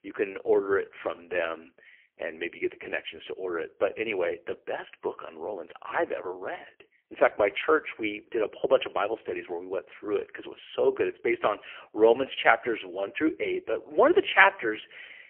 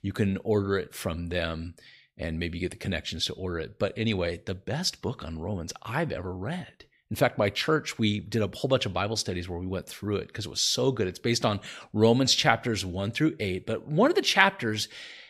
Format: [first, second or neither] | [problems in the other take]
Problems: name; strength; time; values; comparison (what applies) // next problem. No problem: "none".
second | phone-call audio; poor line; nothing above 3 kHz